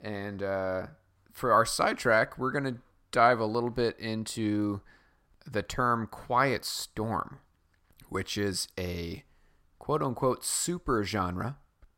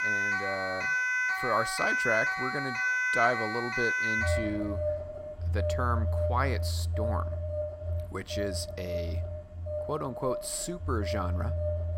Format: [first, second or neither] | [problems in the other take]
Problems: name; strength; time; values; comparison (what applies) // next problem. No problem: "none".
first | alarms or sirens; very loud; throughout; 3 dB above the speech